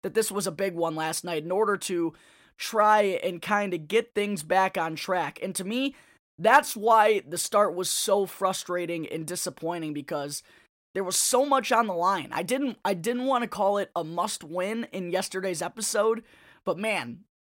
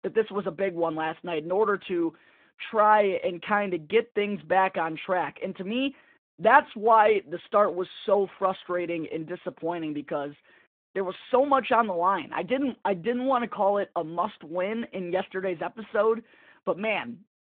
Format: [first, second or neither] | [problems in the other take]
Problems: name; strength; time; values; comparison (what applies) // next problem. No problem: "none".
first | phone-call audio